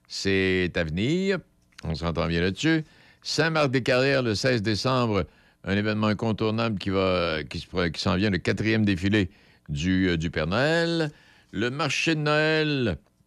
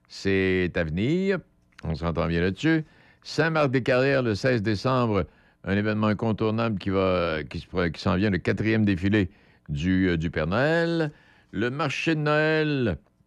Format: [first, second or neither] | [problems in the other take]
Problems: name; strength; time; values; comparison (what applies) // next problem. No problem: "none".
first | muffled; very slightly; fading above 3 kHz